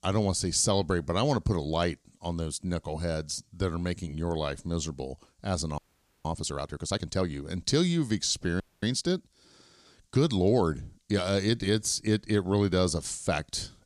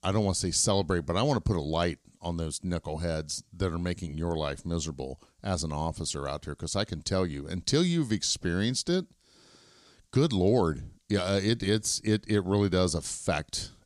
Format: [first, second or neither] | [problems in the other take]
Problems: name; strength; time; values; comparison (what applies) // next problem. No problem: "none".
second | audio freezing; at 6 s and at 8.5 s